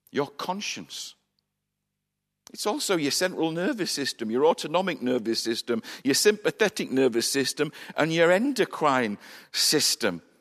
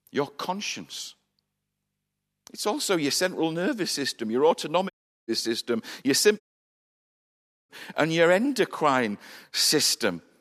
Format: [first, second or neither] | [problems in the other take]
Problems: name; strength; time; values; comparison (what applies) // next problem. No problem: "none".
first | audio cutting out; at 5 s and at 6.5 s for 1.5 s